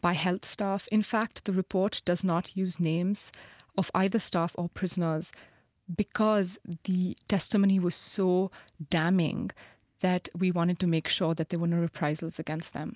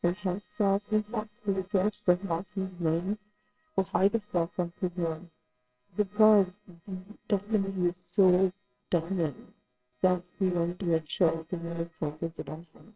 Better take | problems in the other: first | noise reduction (neural separator model SepFormer WHAMR!)

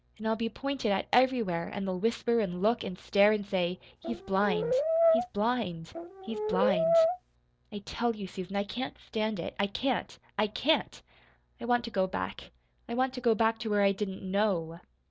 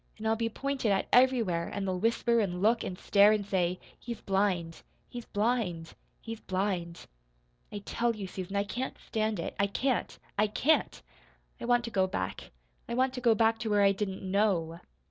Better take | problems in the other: second | background sound (Brass instrument); 2 dB above the speech

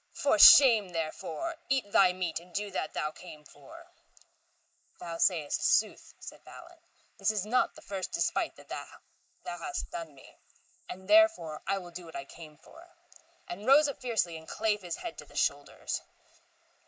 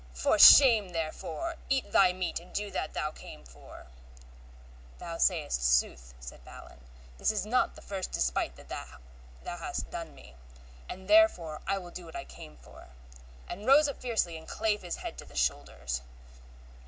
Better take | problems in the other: second | noise reduction (neural mask model Resemble Enhance denoiser)

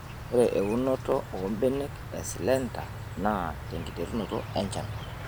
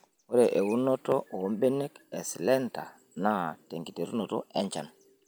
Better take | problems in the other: second | background sound (Insect); 8 dB below the speech

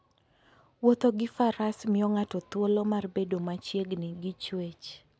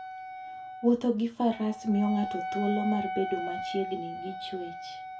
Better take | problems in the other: first | background sound (Wind instrument, woodwind instrument); 7 dB below the speech // room echo; dies away in 0.2 s

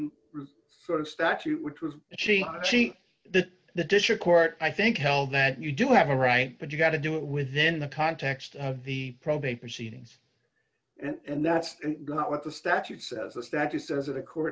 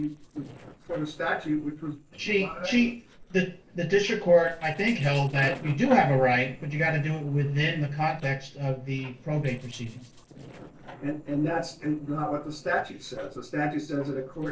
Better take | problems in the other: first | noise reduction (neural separator model SepFormer DNS4)

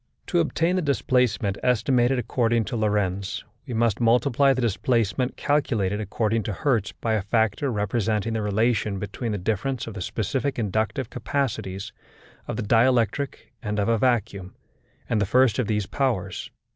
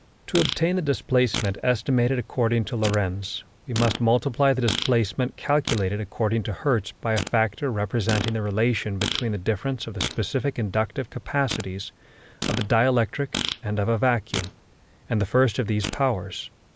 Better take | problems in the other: first | background sound (Fart); 11 dB below the speech

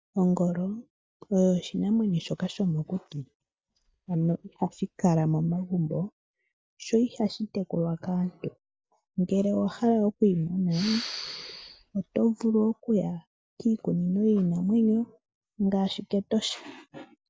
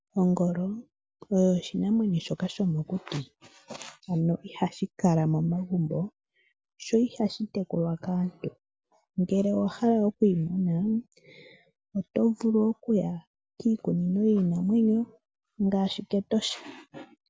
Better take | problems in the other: second | noise reduction (neural mask model DeepFilterNet 3)

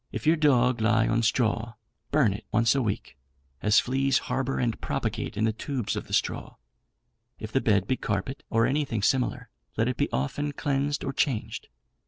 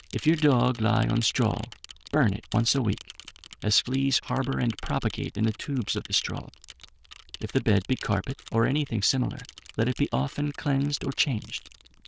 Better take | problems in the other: first | noise reduction (neural diffusion model UNIVERSE++)

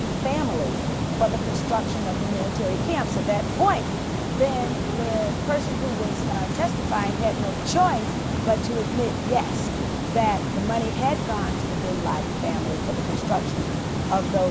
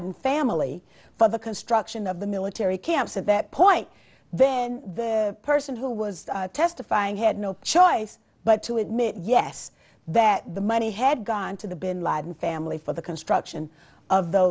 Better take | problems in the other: second | background sound (Water); 1 dB above the speech

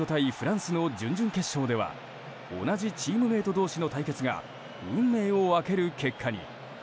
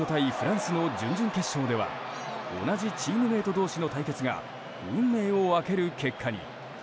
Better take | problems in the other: first | background sound (Crowd / Cheering); 9 dB below the speech

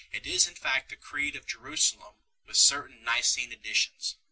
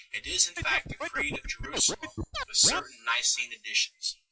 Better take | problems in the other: first | noise reduction (classical method WPE with log-MMSE)

